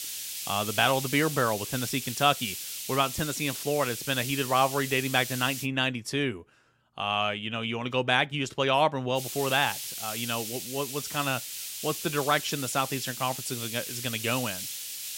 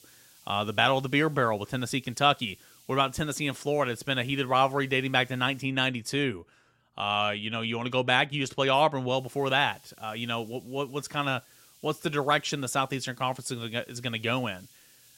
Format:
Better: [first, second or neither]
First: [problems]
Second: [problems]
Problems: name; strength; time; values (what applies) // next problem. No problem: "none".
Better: second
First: hiss; loud; until 5.5 s and from 9 s on; 6 dB below the speech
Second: hiss; faint; until 5.5 s and from 9 s on; 25 dB below the speech